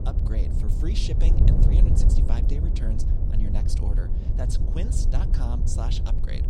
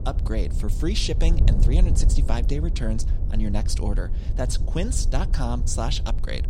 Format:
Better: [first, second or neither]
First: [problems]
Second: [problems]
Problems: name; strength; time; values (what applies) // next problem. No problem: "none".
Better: second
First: wind noise on the microphone; heavy; as loud as the speech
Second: wind noise on the microphone; occasional gusts; 10 dB below the speech